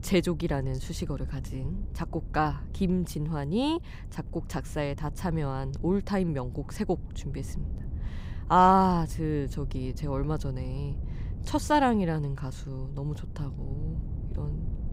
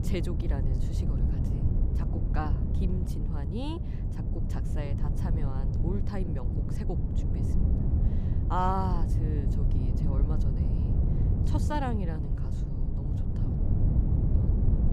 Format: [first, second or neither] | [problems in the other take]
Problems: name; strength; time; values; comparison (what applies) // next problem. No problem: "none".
first | wind noise on the microphone; heavy; 5 dB below the speech; occasional gusts in the first